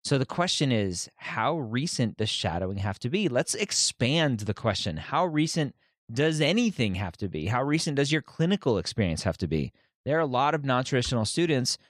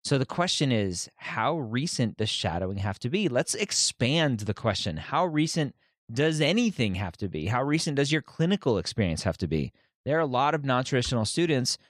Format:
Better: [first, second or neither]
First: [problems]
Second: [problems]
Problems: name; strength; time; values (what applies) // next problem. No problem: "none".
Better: neither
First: none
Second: none